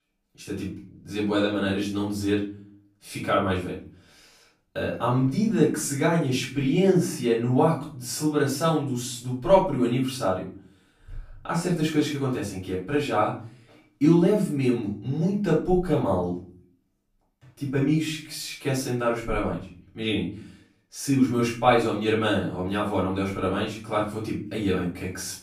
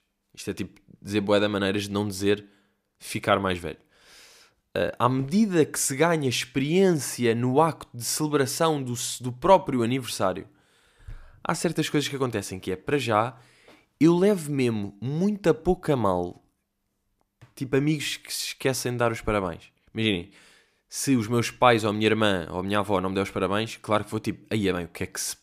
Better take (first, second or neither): second